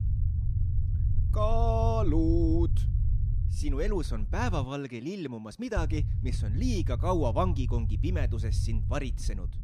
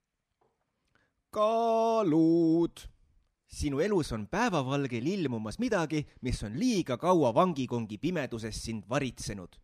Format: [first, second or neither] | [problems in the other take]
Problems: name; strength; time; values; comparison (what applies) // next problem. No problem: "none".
second | low rumble; noticeable; until 4.5 s and from 6 s on; 15 dB below the speech